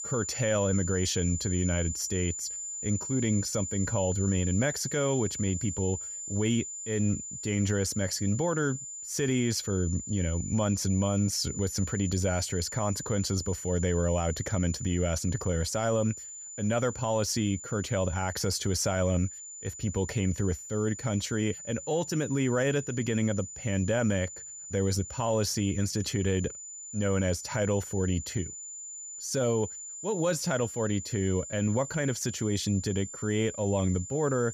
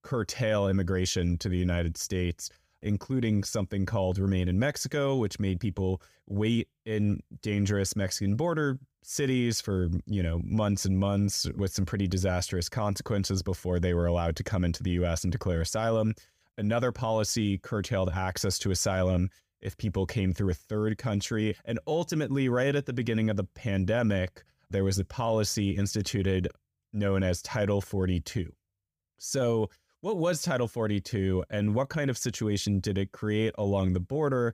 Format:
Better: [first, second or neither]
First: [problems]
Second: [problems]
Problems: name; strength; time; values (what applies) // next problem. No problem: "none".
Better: second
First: high-pitched whine; loud; throughout; 7 kHz, 8 dB below the speech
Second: none